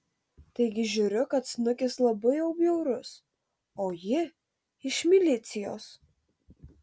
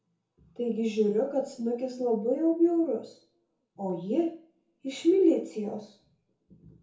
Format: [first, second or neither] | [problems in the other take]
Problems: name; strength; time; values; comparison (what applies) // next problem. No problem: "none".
first | room echo; dies away in 0.7 s